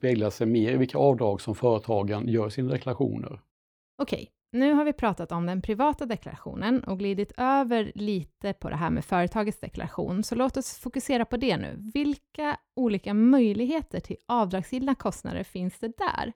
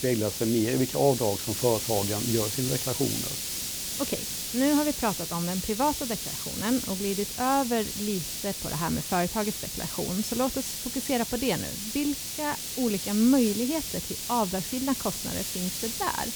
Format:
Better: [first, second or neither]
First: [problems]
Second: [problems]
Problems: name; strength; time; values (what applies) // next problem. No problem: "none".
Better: first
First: none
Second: hiss; loud; throughout; 2 dB below the speech